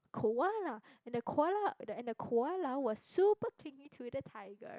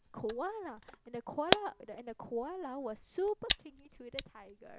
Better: first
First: none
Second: background sound (Camera); as loud as the speech

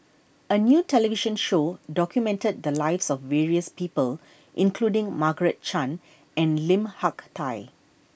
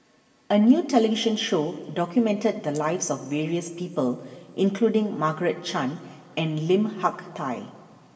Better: first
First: none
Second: room echo; dies away in 1.8 s

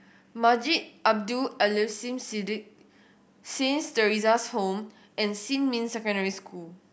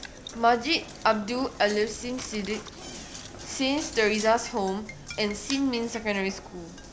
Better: first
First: none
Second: background sound (Knock); 14 dB below the speech

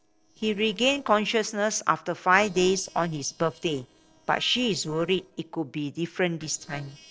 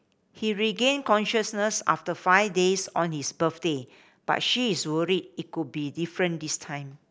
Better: second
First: noise reduction (neural separator model SepFormer DNS4)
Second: none

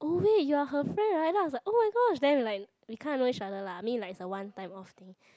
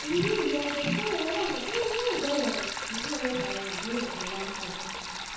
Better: first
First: none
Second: background sound (Sink (filling or washing)); 3 dB below the speech // room echo; dies away in 0.9 s

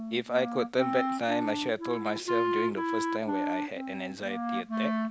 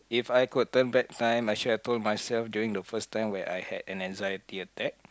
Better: second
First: background sound (Wind instrument, woodwind instrument); as loud as the speech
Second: none

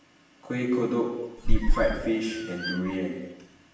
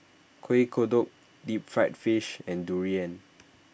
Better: second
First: background sound (Squeak); 4 dB above the speech // room echo; dies away in 1 s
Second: none

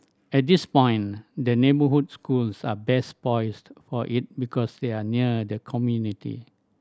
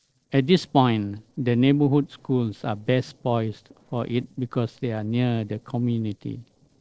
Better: first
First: none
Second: noise reduction (neural separator model SepFormer DNS4)

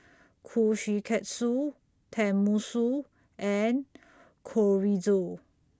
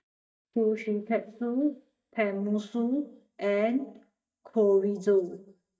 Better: first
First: none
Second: noise reduction (neural mask model DeepFilterNet 3)

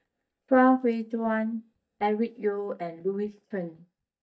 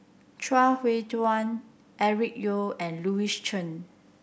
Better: second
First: noise reduction (neural mask model DeepFilterNet 3)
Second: none

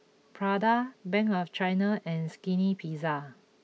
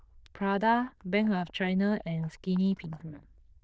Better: first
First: none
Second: noise reduction (neural diffusion model UNIVERSE++)

